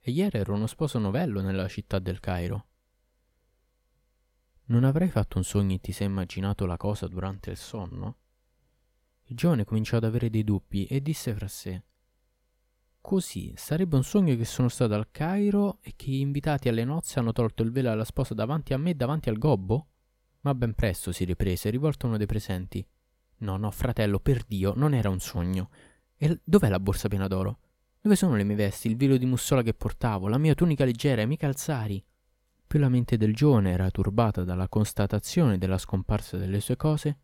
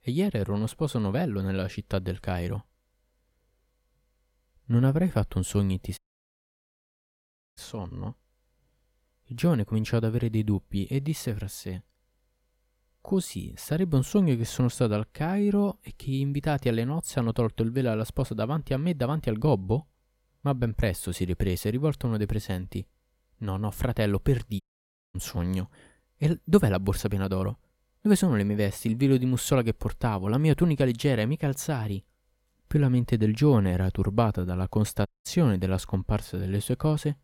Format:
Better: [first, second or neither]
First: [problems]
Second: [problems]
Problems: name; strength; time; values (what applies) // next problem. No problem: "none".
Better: first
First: none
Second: audio cutting out; at 6 s for 1.5 s, at 25 s for 0.5 s and at 35 s